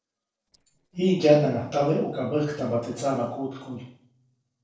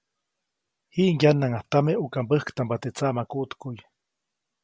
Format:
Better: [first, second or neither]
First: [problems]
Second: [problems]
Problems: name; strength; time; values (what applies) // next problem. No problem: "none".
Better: second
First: noise reduction (neural separator model SepFormer DNS4)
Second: none